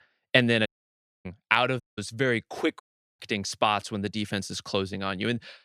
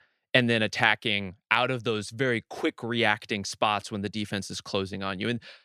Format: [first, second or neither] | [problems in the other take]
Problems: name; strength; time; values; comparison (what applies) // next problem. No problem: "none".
second | audio cutting out; at 0.5 s for 0.5 s, at 2 s and at 3 s